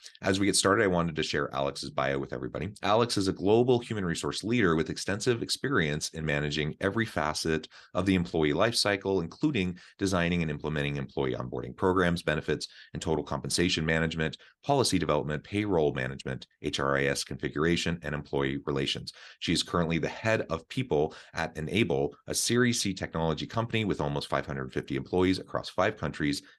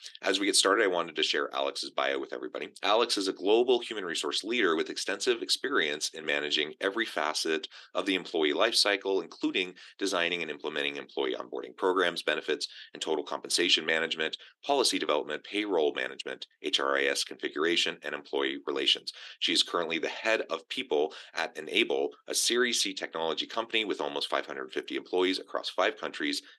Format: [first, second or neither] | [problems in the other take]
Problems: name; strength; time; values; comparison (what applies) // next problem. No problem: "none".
first | thin; somewhat; fading below 350 Hz